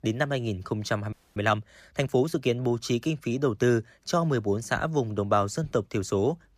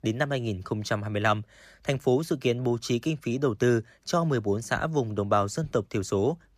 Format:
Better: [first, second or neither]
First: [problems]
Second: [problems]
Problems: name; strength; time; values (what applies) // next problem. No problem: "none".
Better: second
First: audio freezing; at 1 s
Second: none